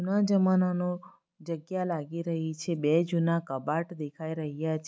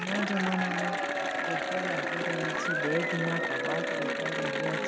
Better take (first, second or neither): first